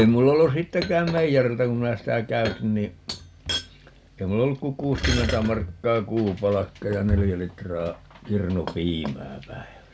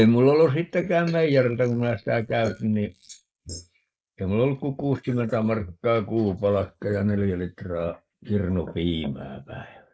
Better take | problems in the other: first | noise reduction (neural mask model Resemble Enhance denoiser)

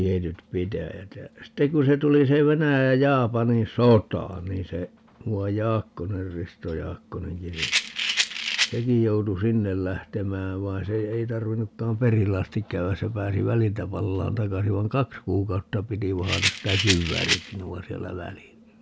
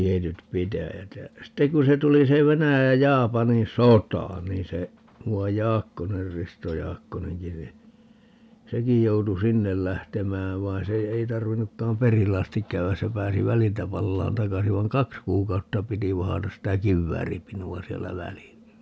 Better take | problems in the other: second | background sound (Rattle); 3 dB below the speech

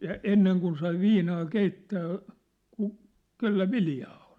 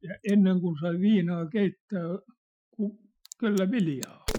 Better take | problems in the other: first | noise reduction (classical method Wiener filter)

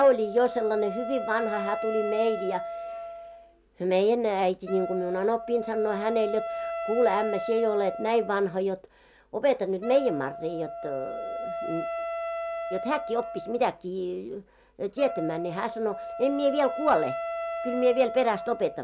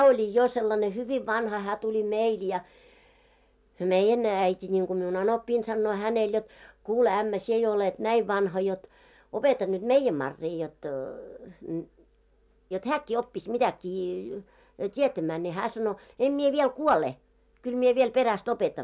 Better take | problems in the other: second | background sound (Wind instrument, woodwind instrument); 8 dB below the speech

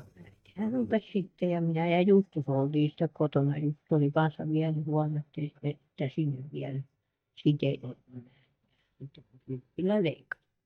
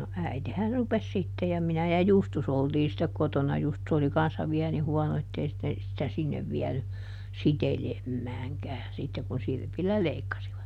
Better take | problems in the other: second | noise reduction (neural mask model DeepFilterNet 3)

